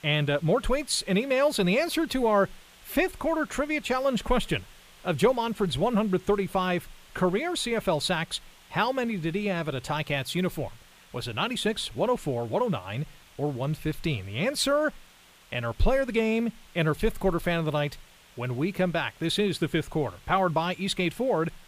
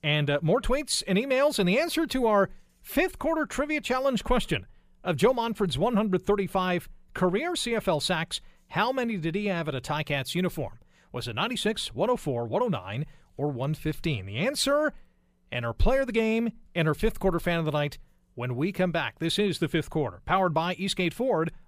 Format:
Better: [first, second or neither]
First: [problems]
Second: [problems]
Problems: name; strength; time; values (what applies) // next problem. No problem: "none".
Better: second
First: hiss; faint; throughout; 25 dB below the speech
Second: none